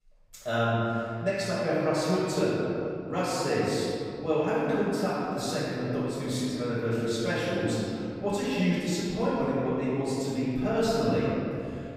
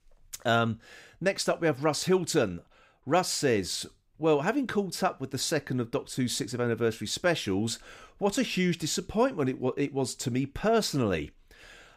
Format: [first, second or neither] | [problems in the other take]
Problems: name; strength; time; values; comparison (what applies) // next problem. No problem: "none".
second | off-mic speech; far // room echo; strong; dies away in 2.7 s